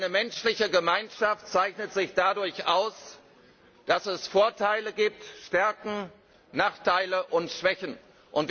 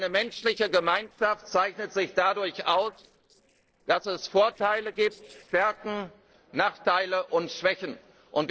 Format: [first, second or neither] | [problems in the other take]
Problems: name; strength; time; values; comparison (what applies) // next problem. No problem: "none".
first | noise reduction (neural separator model SepFormer DNS4)